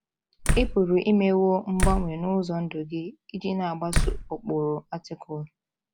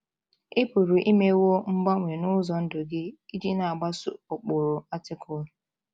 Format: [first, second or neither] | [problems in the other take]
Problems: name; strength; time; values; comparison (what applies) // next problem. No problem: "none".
second | background sound (Slam); 2 dB below the speech